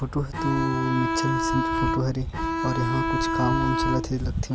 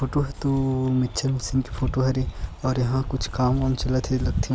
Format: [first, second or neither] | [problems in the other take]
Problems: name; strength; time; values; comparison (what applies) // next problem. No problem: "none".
second | background sound (Bowed string instrument); as loud as the speech